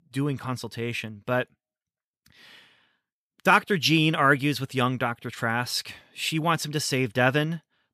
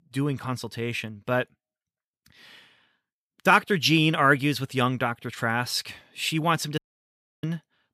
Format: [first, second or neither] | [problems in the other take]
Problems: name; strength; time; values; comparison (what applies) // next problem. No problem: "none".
first | audio cutting out; at 7 s for 0.5 s